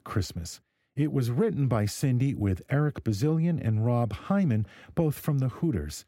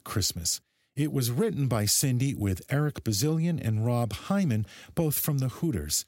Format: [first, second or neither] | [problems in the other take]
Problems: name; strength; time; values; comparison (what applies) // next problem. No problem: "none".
second | muffled; slightly; fading above 3 kHz